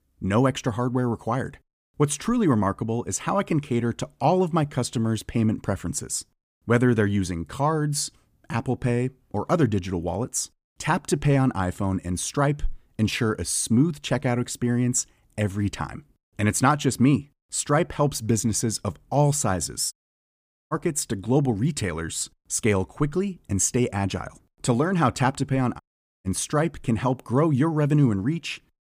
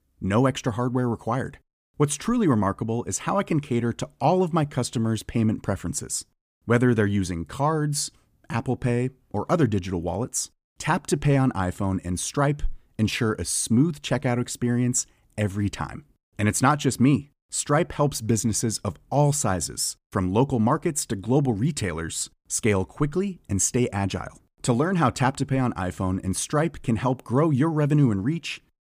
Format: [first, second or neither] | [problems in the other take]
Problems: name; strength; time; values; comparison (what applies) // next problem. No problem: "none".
second | audio cutting out; at 20 s for 1 s and at 26 s